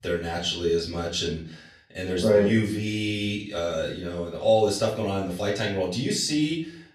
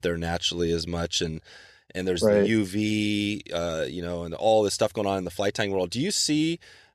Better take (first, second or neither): second